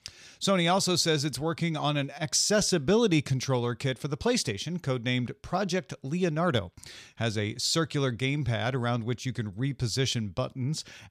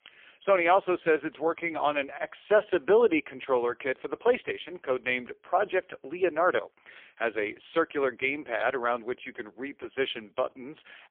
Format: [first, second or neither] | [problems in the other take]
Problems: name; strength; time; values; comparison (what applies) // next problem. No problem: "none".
first | phone-call audio; poor line; nothing above 3.5 kHz